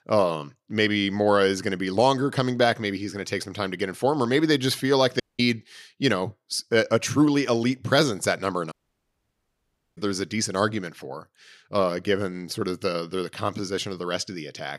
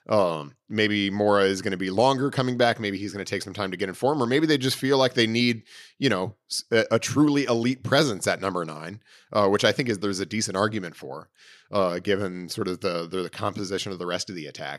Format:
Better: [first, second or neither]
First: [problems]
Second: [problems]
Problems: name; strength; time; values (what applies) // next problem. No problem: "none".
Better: second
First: audio cutting out; at 5 s and at 8.5 s for 1.5 s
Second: none